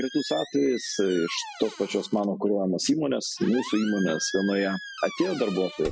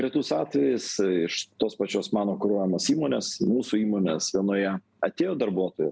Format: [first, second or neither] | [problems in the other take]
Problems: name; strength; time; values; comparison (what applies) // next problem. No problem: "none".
second | noise reduction (classical method spectral subtraction)